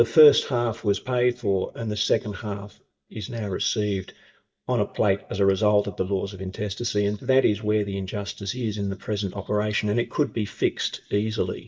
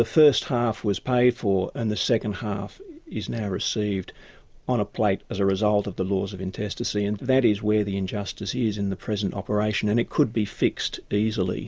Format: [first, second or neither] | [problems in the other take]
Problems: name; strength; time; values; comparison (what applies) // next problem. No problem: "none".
second | noise reduction (neural mask model DeepFilterNet 3)